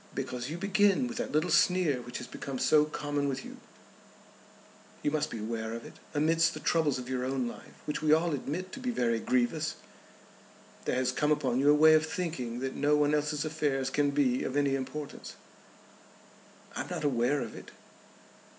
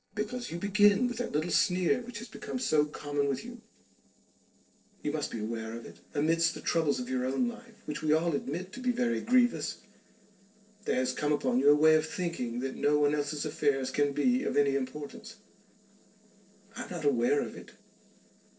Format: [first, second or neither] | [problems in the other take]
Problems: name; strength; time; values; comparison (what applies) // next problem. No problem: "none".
first | noise reduction (neural separator model SepFormer DNS4)